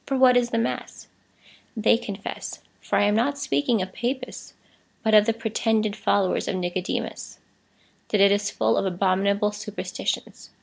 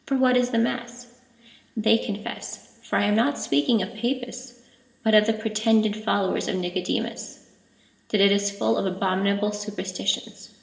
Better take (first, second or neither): first